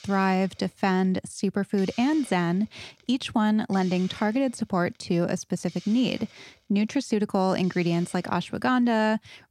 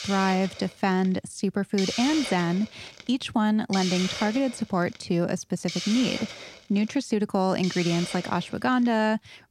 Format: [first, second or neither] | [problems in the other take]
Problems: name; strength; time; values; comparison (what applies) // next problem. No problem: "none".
first | hiss; loud; throughout; 8 dB below the speech; faint in the first